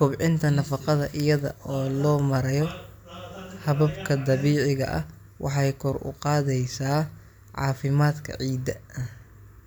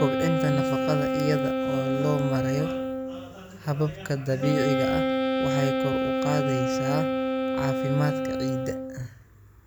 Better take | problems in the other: first | background sound (Wind instrument, woodwind instrument); 2 dB above the speech

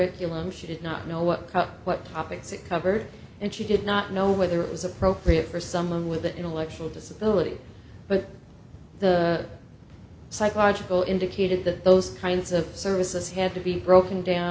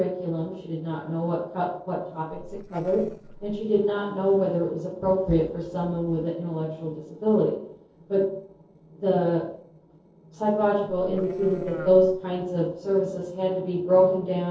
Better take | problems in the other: first | noise reduction (neural separator model SepFormer DNS4)

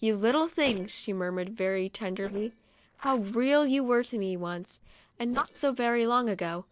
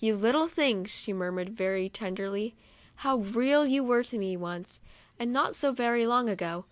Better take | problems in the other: second | noise reduction (neural separator model SepFormer DNS4)

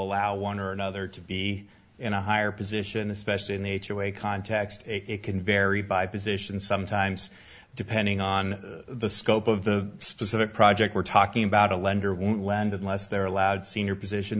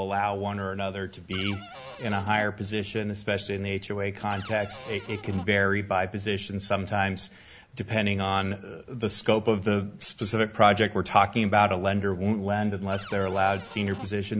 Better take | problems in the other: first | background sound (Cupboard open or close); 15 dB below the speech

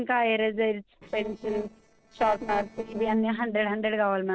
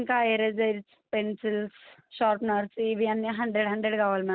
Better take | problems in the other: second | noise reduction (neural separator model SepFormer DNS4)

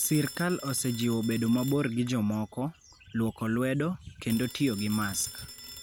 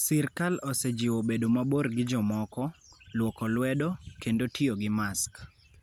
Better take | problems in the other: second | background sound (Telephone); 16 dB below the speech

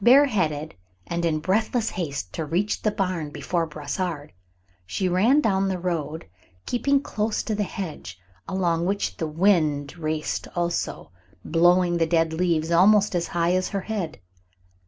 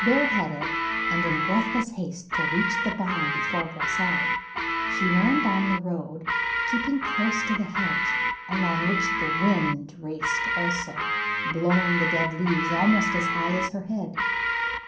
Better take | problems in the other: first | background sound (Guitar); 1 dB above the speech // room echo; dies away in 0.6 s

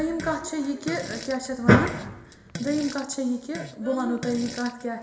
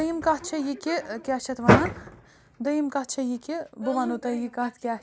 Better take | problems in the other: second | background sound (Fart); 14 dB below the speech // room echo; dies away in 1 s

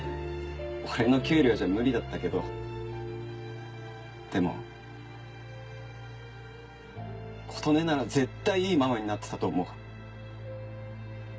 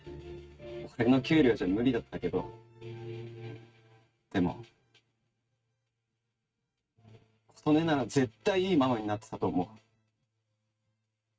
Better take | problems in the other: first | noise reduction (neural mask model RNNoise)

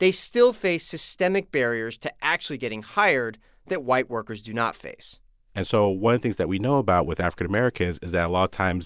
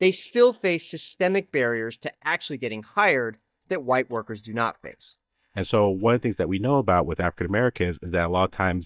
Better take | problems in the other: first | noise reduction (neural mask model DeepFilterNet 3)

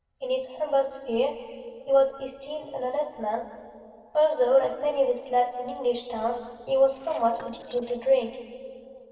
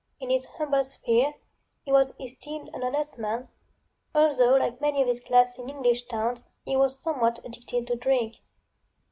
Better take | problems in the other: second | noise reduction (neural separator model SepFormer DNS4)

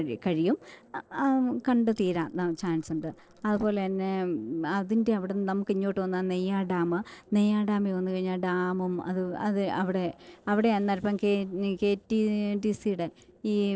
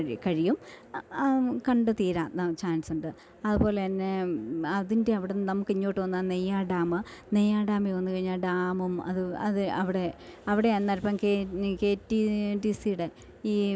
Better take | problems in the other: second | noise reduction (neural separator model SepFormer DNS4)

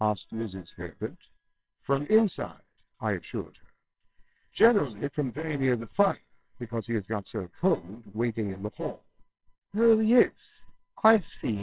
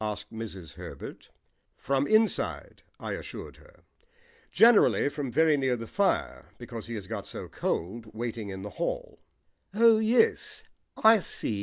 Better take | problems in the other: second | noise reduction (neural separator model SepFormer WHAMR!)

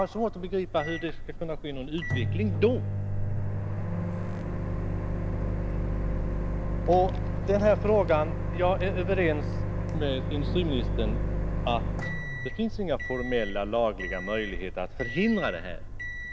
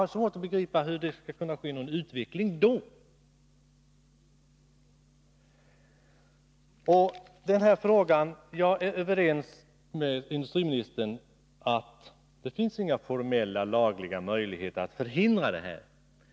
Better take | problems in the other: second | background sound (Microwave oven); as loud as the speech

